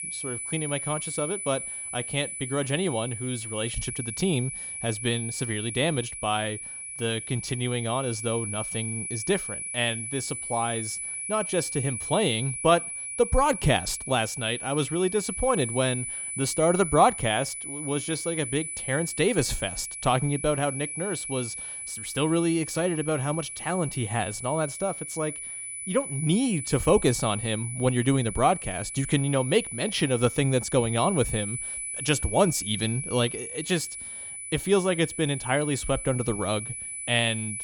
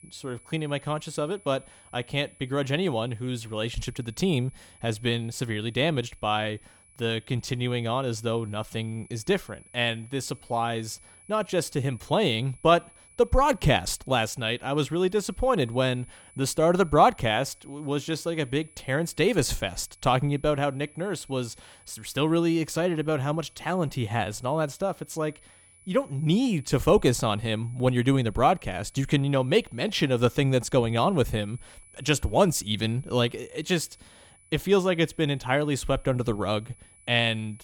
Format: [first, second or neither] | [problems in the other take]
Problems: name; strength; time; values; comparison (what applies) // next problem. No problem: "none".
second | high-pitched whine; loud; throughout; 10 kHz, 6 dB below the speech; faint in the second